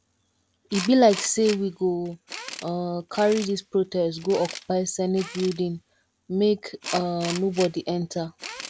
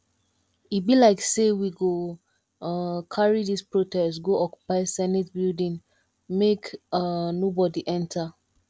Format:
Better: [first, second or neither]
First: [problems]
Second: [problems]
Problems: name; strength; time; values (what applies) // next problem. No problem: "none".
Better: second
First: background sound (Tools); 15 dB below the speech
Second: none